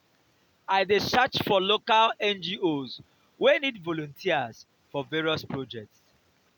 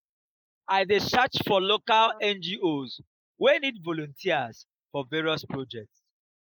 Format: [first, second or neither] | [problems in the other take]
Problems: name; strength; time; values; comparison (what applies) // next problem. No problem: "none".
first | noise reduction (neural mask model Resemble Enhance denoiser)